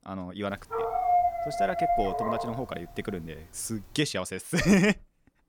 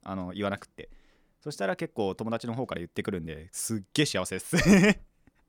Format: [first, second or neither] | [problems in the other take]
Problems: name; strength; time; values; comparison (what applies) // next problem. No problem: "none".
second | dog barking; loud; from 0.5 to 2.5 s; peak 5 dB above the speech